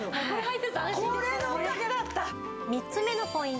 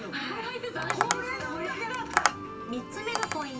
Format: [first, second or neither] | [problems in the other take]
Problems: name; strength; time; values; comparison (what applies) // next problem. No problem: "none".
first | background sound (Tap); 1 dB above the speech // room echo; dies away in 0.2 s